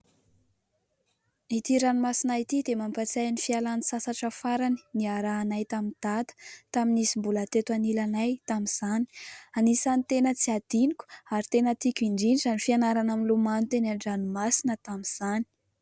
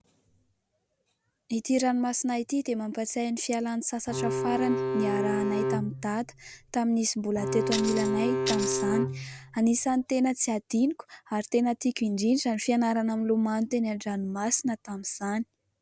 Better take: first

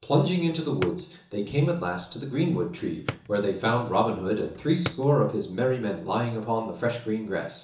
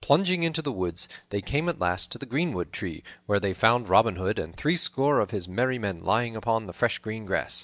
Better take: second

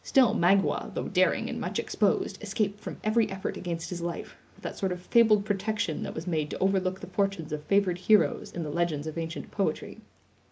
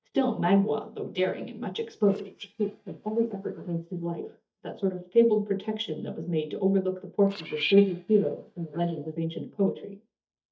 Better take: first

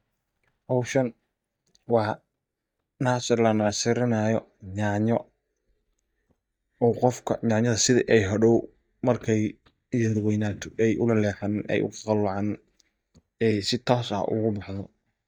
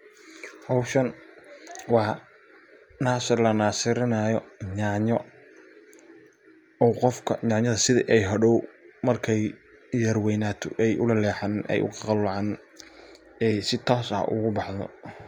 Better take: second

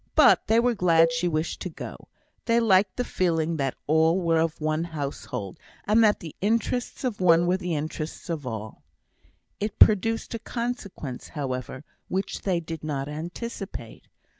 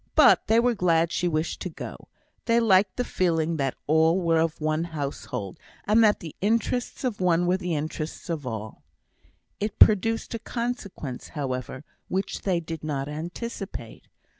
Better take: second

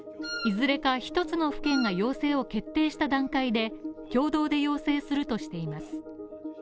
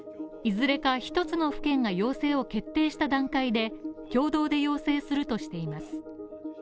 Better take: second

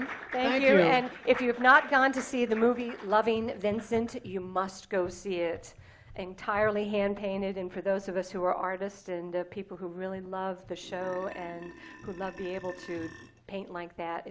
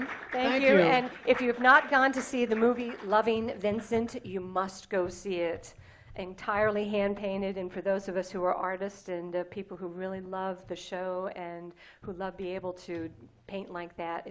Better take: second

